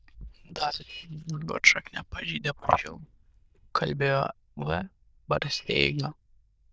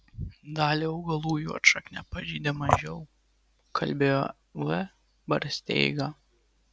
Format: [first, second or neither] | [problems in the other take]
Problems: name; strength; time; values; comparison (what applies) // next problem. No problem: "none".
second | noise reduction (neural diffusion model UNIVERSE++)